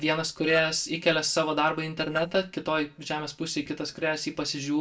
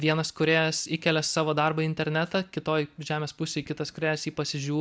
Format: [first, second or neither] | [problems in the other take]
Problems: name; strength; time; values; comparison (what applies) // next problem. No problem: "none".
second | noise reduction (neural separator model SepFormer DNS4)